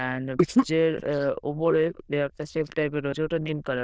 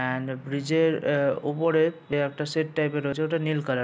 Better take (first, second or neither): second